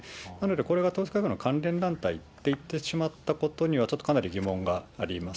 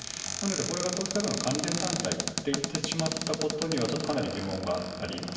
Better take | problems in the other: first | background sound (Cupboard open or close); 2 dB below the speech // room echo; dies away in 1.2 s

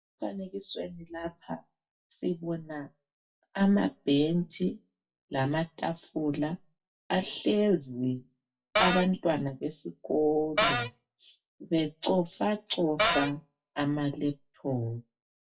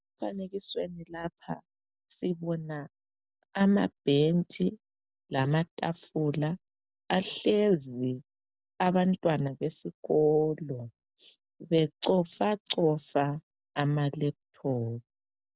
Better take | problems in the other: second | noise reduction (classical method WPE with log-MMSE)

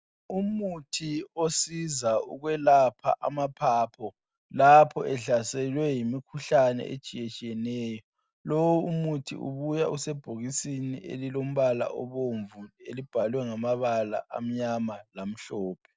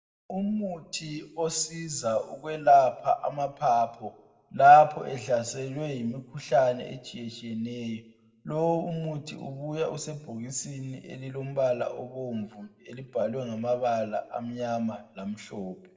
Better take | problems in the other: first | room echo; dies away in 0.7 s

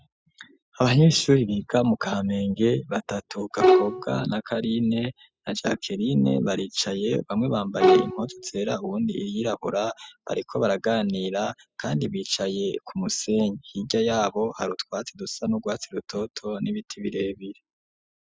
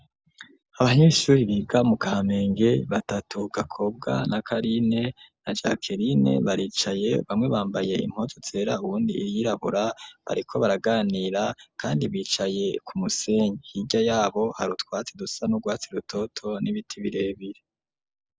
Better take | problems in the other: second | noise reduction (classical method spectral subtraction)

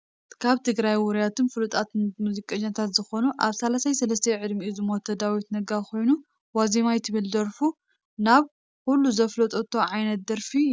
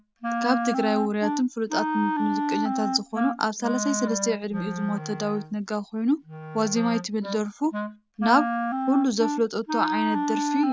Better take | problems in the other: first | background sound (Wind instrument, woodwind instrument); 3 dB below the speech

